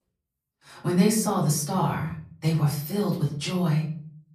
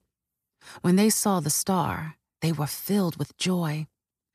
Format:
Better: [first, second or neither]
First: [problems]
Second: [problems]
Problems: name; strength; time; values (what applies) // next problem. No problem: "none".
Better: second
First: room echo; slight; dies away in 0.5 s // off-mic speech; far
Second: none